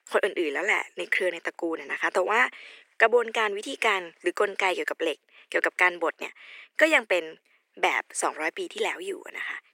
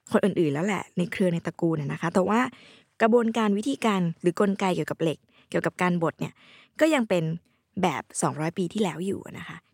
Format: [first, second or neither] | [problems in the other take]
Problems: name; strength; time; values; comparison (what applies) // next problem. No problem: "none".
second | thin; very; fading below 350 Hz